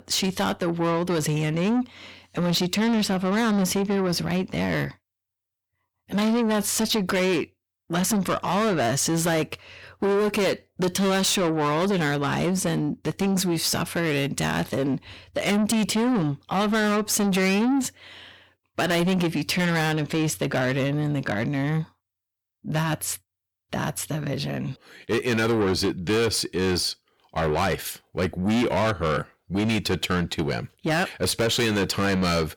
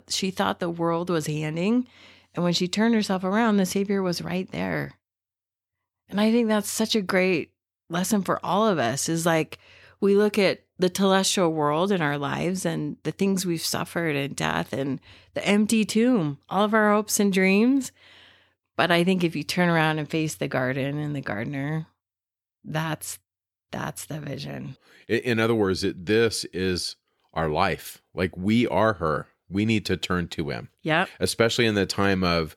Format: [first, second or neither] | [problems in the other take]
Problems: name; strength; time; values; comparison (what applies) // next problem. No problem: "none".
second | distortion; heavy; 7 dB below the speech